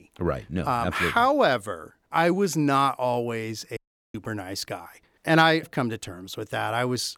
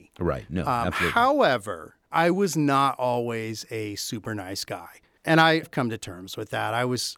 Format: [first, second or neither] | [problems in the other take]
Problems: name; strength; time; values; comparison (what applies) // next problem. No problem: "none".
second | audio cutting out; at 4 s